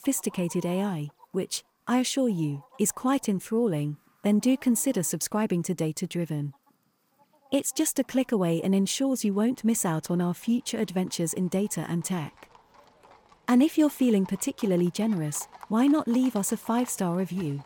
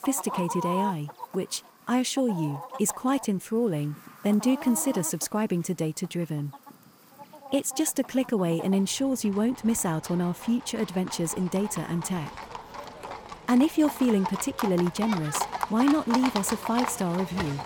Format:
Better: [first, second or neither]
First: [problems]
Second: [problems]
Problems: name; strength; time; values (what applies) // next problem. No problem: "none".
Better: first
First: animal sounds; faint; throughout; 25 dB below the speech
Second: animal sounds; loud; throughout; 9 dB below the speech